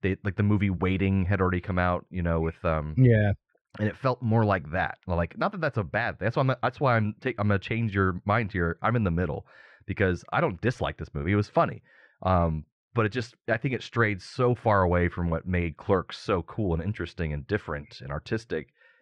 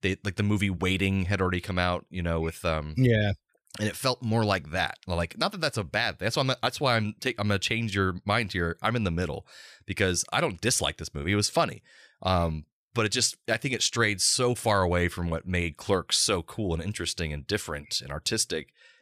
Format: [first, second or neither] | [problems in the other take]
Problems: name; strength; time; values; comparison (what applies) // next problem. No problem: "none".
second | muffled; very; fading above 1.5 kHz